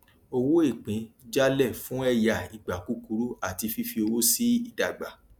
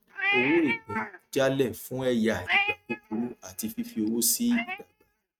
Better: first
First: none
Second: noise reduction (neural mask model RNNoise)

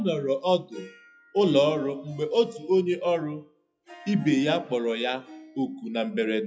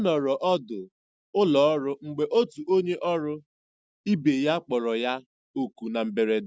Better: second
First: noise reduction (classical method WPE with log-MMSE)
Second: none

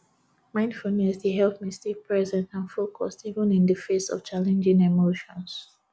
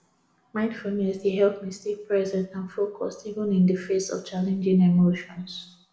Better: first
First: none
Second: room echo; dies away in 0.6 s

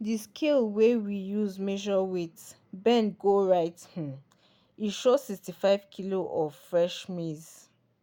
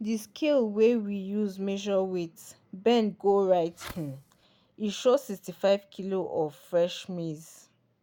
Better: first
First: none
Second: background sound (Fireworks); 19 dB below the speech

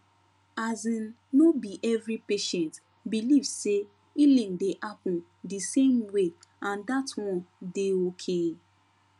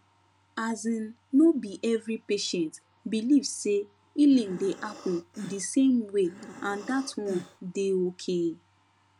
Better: first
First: none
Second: background sound (Breathing); 16 dB below the speech

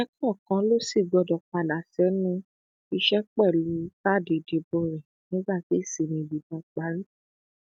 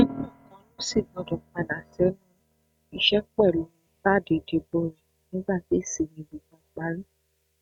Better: first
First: none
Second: noise reduction (neural mask model RNNoise)

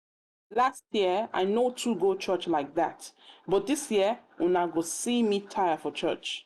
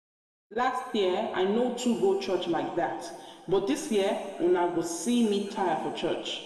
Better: first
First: none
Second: room echo; dies away in 2 s

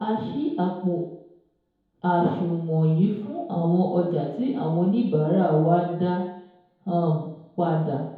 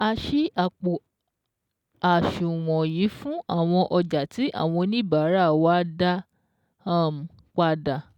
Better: second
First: room echo; dies away in 0.9 s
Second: none

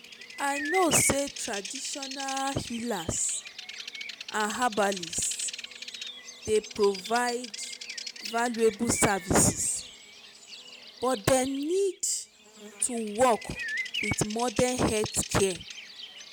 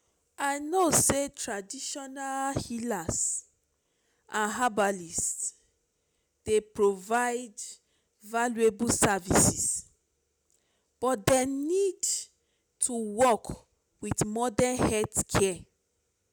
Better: second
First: background sound (Bird vocalization, bird call, bird song); 10 dB below the speech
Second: none

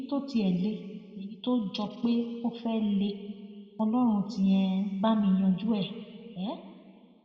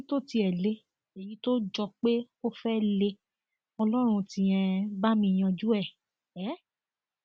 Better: second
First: room echo; dies away in 2.1 s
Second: none

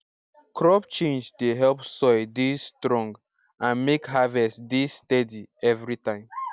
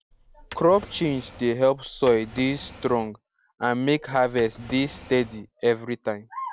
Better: first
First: none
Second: background sound (Drawer open or close); 19 dB below the speech

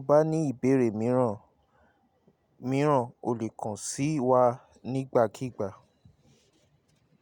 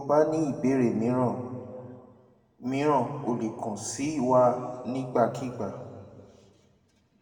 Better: first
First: none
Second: room echo; dies away in 1.8 s

